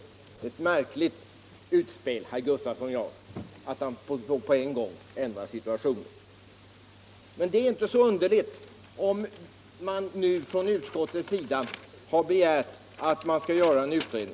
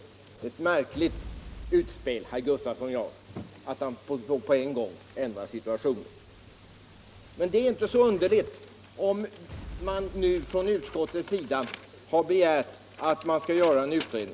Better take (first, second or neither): first